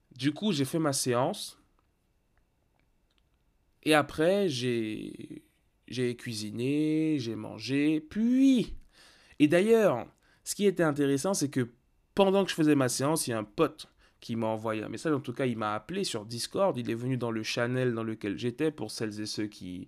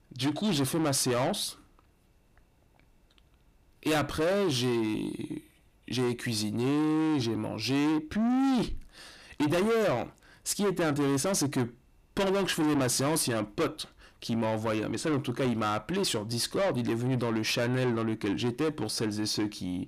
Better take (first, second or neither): first